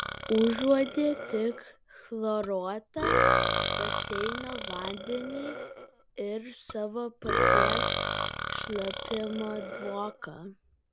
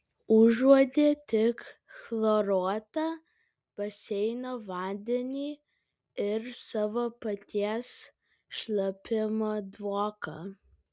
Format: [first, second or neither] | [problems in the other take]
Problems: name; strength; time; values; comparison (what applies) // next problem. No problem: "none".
second | background sound (Burping, eructation); 1 dB above the speech